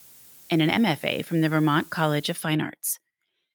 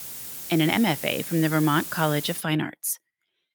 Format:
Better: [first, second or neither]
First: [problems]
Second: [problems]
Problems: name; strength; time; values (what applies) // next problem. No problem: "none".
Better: first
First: hiss; faint; until 2.5 s; 20 dB below the speech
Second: hiss; loud; until 2.5 s; 9 dB below the speech